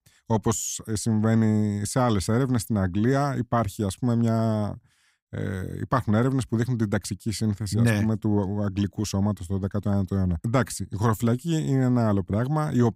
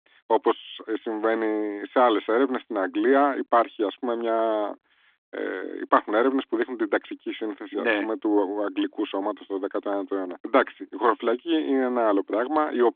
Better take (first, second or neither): first